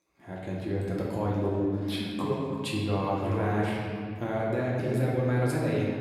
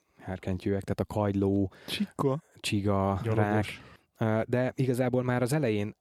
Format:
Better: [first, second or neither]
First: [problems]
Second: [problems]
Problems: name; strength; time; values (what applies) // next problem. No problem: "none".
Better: second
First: room echo; noticeable; dies away in 2 s // off-mic speech; far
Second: none